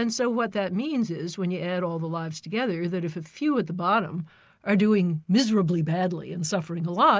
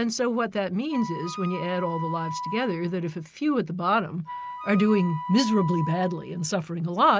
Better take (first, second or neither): first